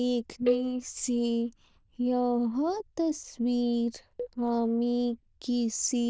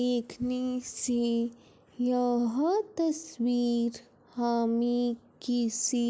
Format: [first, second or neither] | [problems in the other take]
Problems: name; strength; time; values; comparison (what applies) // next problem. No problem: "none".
second | noise reduction (neural diffusion model UNIVERSE++)